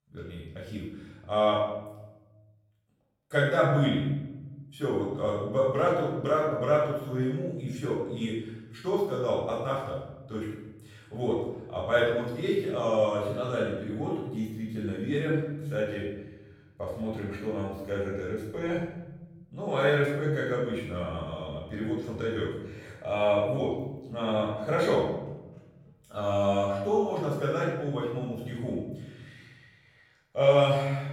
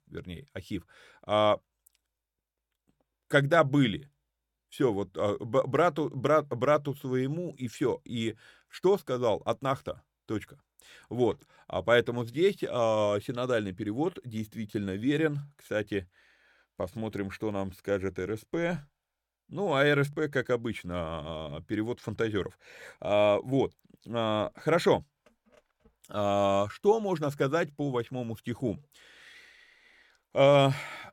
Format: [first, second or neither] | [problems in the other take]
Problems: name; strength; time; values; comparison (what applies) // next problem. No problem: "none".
second | off-mic speech; far // room echo; noticeable; dies away in 0.9 s